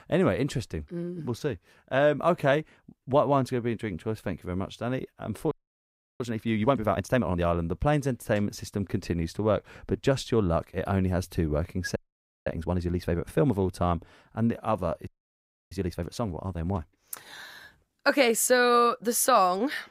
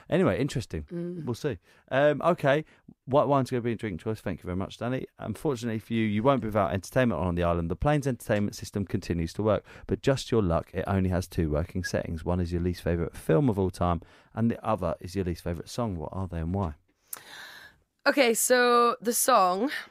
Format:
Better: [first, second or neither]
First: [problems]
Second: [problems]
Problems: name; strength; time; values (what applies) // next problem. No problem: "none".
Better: second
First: audio freezing; at 5.5 s for 0.5 s, at 12 s for 0.5 s and at 15 s for 0.5 s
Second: none